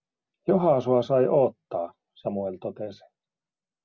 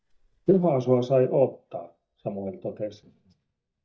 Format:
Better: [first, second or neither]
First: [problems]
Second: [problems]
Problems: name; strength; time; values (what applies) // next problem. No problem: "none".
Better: first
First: none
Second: noise reduction (neural mask model DeepFilterNet 3)